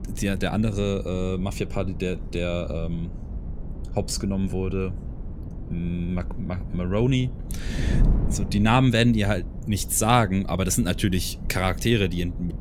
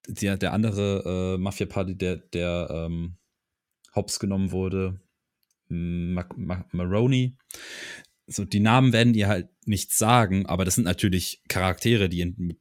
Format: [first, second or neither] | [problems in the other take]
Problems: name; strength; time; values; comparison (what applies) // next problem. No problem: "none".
second | wind noise on the microphone; occasional gusts; 15 dB below the speech